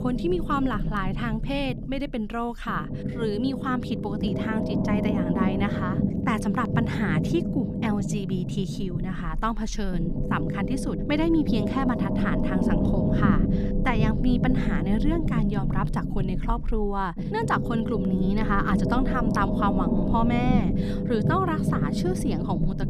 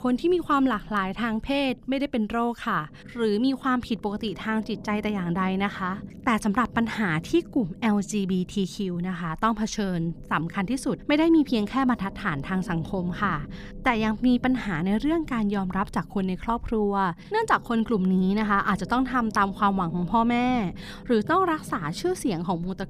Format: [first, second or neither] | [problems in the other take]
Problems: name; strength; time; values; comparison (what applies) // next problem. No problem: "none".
second | low rumble; loud; throughout; 4 dB below the speech; faint in the second